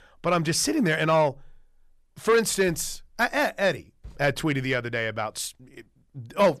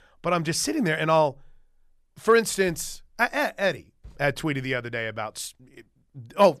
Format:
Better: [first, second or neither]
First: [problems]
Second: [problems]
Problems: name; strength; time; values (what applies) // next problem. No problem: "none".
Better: second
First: distortion; slight; 10 dB below the speech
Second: none